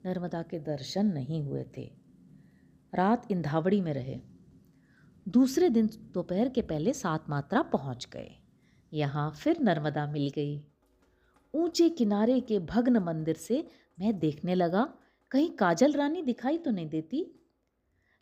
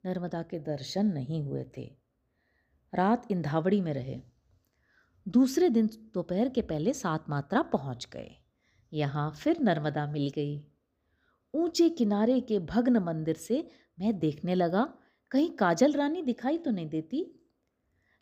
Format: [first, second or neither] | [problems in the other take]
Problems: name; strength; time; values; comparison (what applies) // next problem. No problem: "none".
second | rain or running water; faint; throughout; 30 dB below the speech